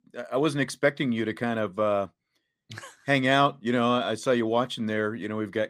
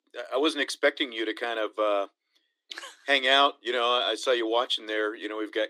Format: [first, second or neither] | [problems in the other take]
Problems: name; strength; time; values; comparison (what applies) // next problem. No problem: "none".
first | thin; somewhat; fading below 300 Hz